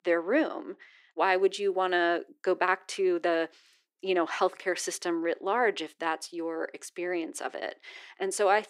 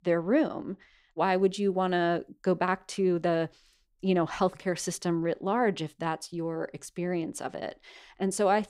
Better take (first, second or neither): second